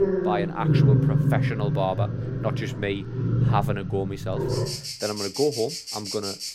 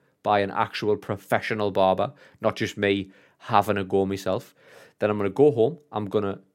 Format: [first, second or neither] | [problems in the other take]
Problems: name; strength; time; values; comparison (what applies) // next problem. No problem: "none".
second | animal sounds; very loud; throughout; 4 dB above the speech